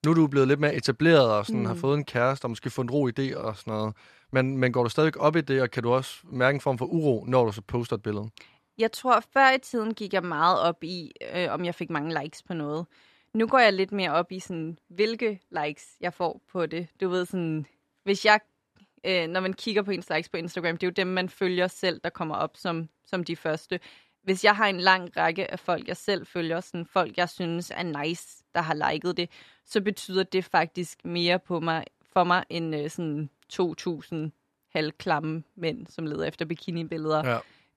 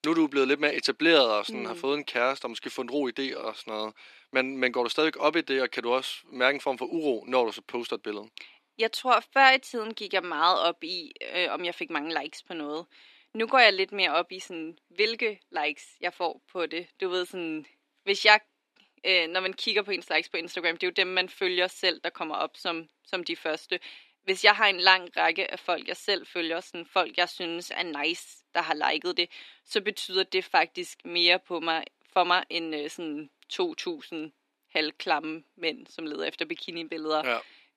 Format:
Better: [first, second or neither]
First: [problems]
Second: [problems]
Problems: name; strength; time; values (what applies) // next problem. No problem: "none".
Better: first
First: none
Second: thin; somewhat; fading below 300 Hz